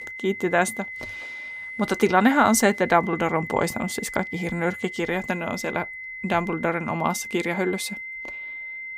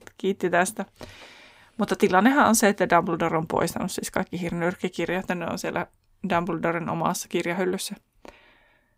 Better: second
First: high-pitched whine; loud; throughout; 2 kHz, 10 dB below the speech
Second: none

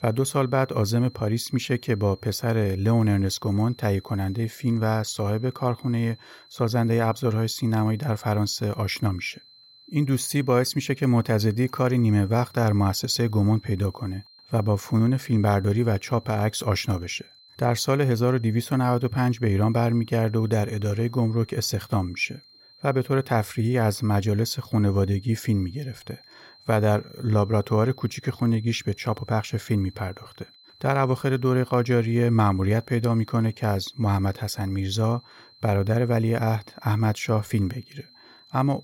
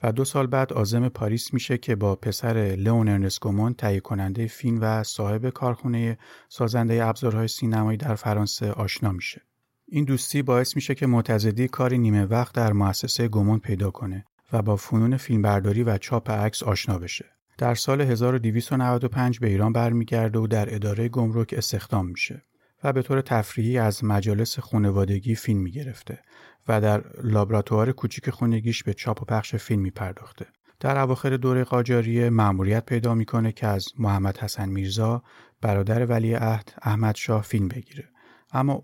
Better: second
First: high-pitched whine; faint; throughout; 4 kHz, 25 dB below the speech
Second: none

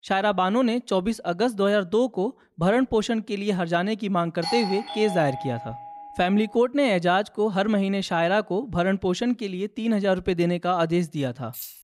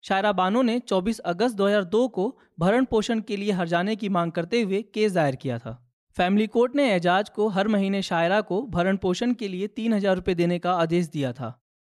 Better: second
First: doorbell; noticeable; from 4.5 to 6 s; peak 4 dB below the speech // jangling keys; faint; at 11 s; peak 15 dB below the speech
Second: none

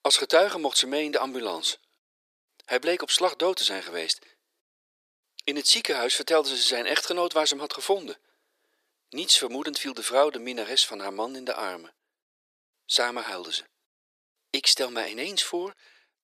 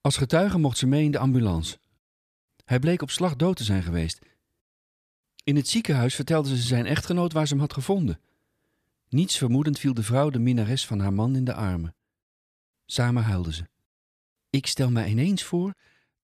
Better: second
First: thin; very; fading below 400 Hz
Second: none

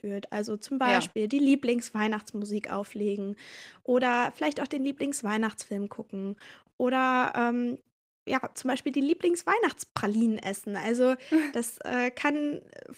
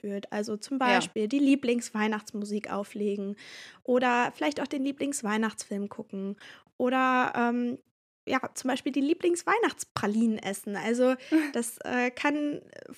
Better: second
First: garbled, watery; slightly; nothing above 15.5 kHz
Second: none

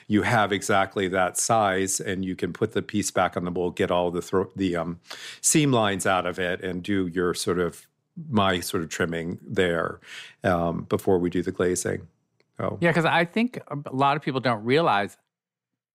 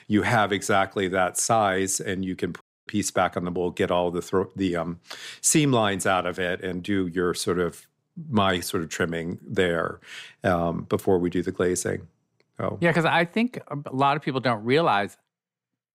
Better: first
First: none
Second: audio cutting out; at 2.5 s

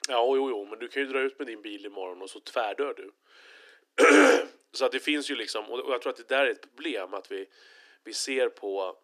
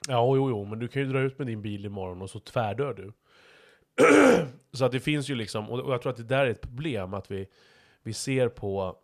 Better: second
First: thin; very slightly; fading below 300 Hz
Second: none

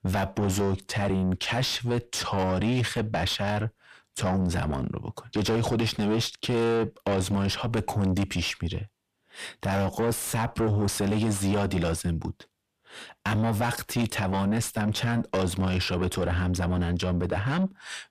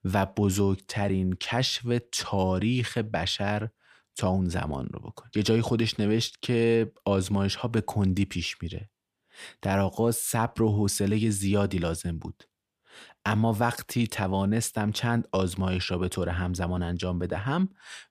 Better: second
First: distortion; heavy; 6 dB below the speech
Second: none

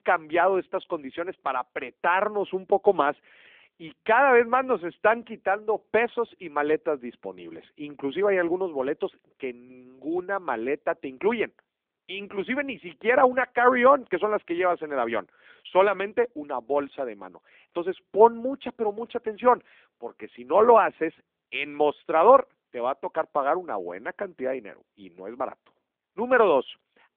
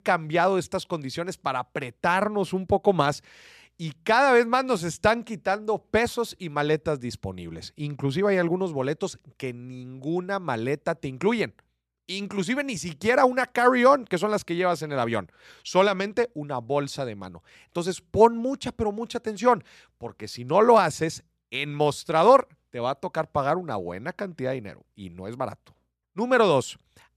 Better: second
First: phone-call audio; nothing above 3.5 kHz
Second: none

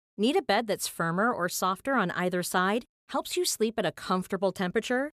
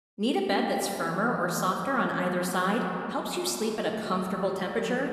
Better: first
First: none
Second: room echo; noticeable; dies away in 2.6 s

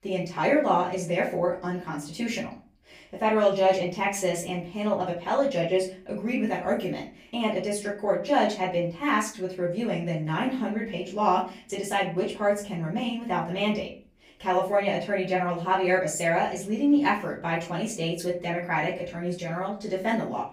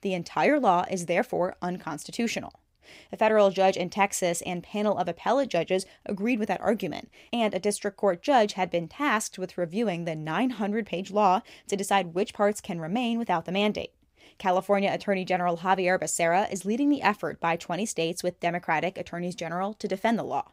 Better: second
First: off-mic speech; far // room echo; slight; dies away in 0.3 s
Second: none

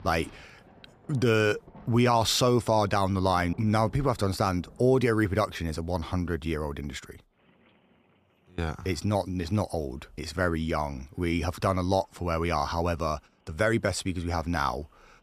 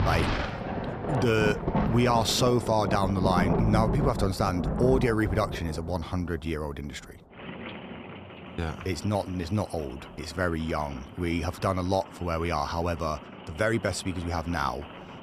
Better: first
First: rain or running water; faint; throughout; 25 dB below the speech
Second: rain or running water; loud; throughout; 4 dB below the speech

